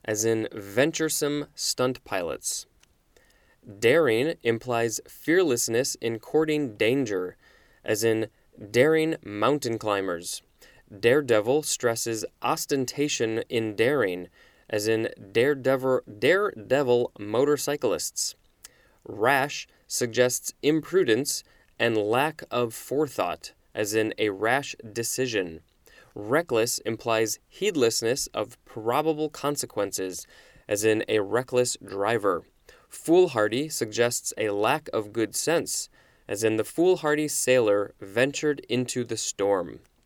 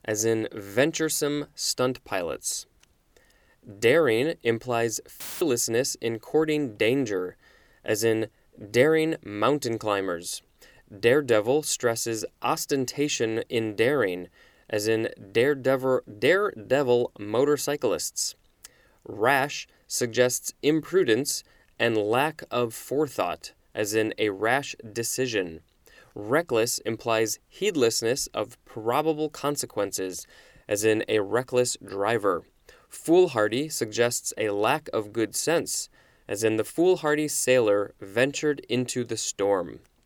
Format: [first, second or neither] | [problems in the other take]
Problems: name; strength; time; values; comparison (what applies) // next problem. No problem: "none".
first | audio cutting out; filled with static; at 5 s